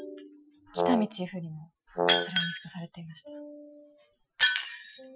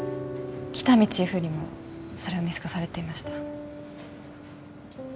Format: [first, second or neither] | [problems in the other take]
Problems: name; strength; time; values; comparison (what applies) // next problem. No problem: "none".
second | noise reduction (classical method Wiener filter)